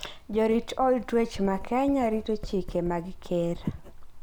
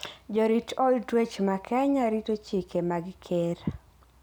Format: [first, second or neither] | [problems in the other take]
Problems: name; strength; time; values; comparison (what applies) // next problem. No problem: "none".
second | background sound (Writing); 12 dB below the speech